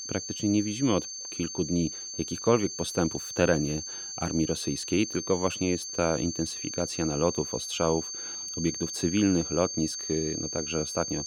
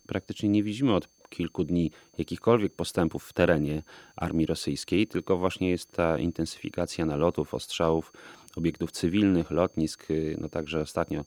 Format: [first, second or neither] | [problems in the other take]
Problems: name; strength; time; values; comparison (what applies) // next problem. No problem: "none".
second | high-pitched whine; loud; throughout; 6.5 kHz, 5 dB below the speech; faint in the second